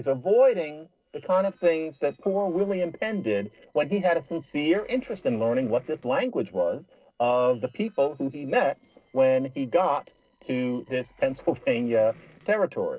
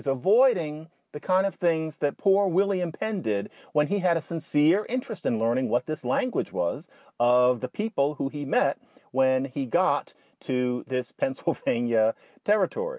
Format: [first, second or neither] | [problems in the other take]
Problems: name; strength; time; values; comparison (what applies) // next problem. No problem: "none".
second | noise reduction (neural separator model SepFormer DNS4)